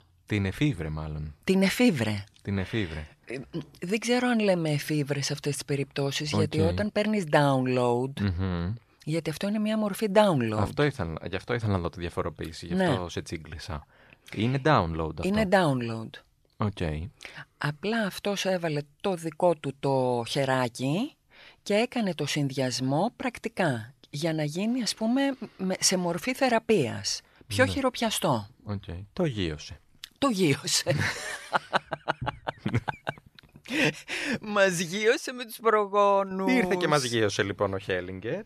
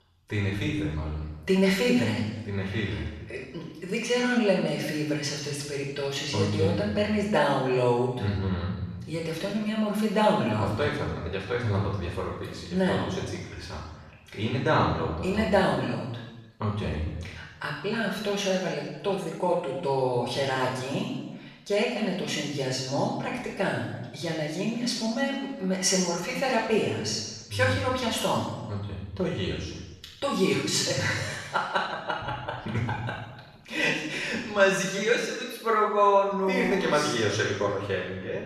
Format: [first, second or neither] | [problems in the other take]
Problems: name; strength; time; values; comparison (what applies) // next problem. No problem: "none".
first | room echo; noticeable; dies away in 1 s // off-mic speech; far